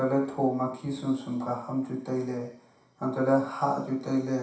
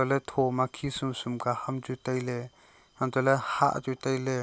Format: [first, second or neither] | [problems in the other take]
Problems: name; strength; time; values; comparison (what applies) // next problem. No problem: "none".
second | room echo; dies away in 0.7 s